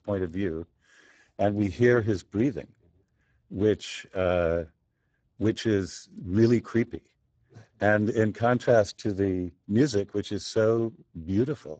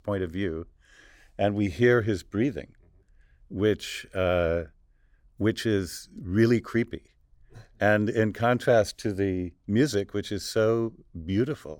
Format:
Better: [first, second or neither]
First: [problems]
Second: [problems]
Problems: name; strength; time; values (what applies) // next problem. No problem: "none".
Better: second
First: garbled, watery; badly; nothing above 7.5 kHz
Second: none